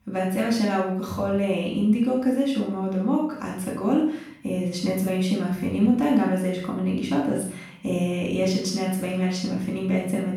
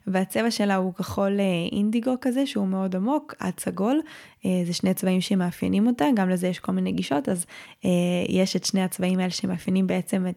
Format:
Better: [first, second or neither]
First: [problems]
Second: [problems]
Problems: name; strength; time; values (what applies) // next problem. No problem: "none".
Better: second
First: off-mic speech; far // room echo; noticeable; dies away in 0.6 s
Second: none